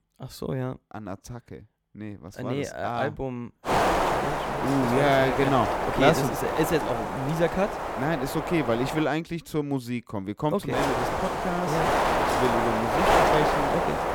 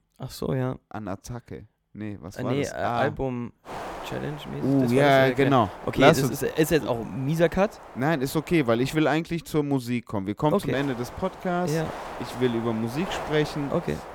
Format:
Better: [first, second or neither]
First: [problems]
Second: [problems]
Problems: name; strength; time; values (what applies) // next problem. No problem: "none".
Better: second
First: wind noise on the microphone; heavy; from 3.5 to 9 s and from 11 s on; 4 dB above the speech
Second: wind noise on the microphone; occasional gusts; from 3.5 to 9 s and from 11 s on; 10 dB below the speech